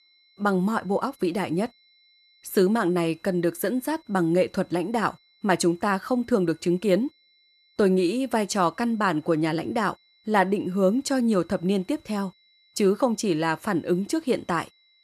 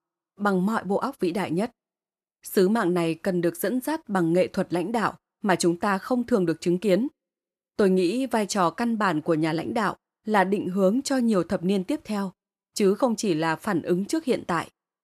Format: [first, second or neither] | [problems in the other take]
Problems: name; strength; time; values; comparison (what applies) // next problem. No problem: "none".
second | high-pitched whine; faint; throughout; 4 kHz, 35 dB below the speech